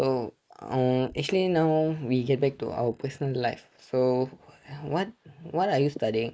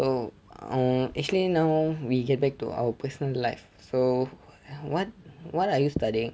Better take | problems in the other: second | noise reduction (neural mask model Resemble Enhance denoiser)

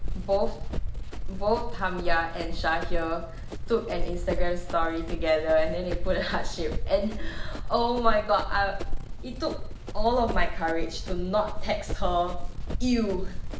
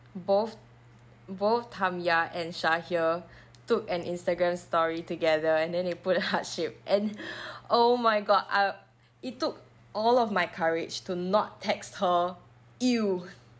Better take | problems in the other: second | background sound (Run); as loud as the speech // room echo; dies away in 0.5 s

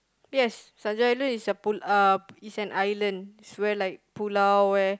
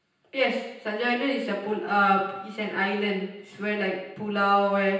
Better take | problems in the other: first | room echo; dies away in 0.9 s

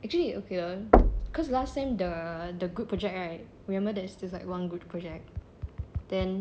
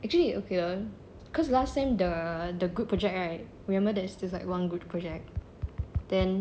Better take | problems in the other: second | background sound (Knock); 5 dB above the speech

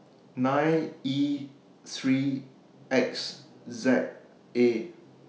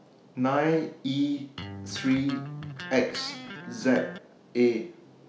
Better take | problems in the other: first | background sound (Electric guitar); 11 dB below the speech

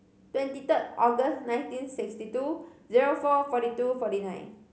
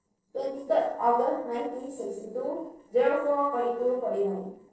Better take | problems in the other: first | noise reduction (neural separator model SepFormer DNS4)

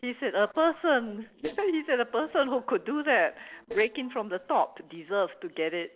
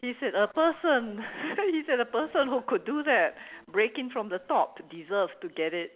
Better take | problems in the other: second | noise reduction (neural separator model SepFormer DNS4)

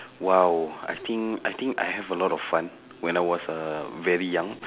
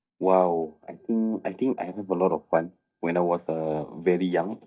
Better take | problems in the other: first | noise reduction (neural mask model DeepFilterNet 3)

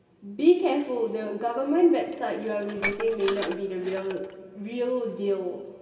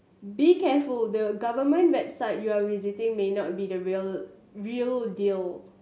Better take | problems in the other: second | background sound (Dishes, pots, and pans); 12 dB below the speech // room echo; dies away in 2.3 s

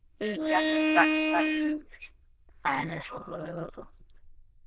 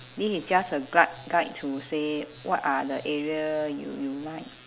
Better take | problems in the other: second | noise reduction (neural diffusion model UNIVERSE++)

